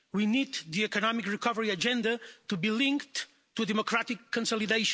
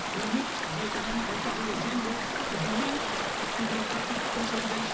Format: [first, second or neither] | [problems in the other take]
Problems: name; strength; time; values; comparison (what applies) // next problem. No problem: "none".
first | background sound (Stream / Ocean); 4 dB above the speech // room echo; dies away in 0.4 s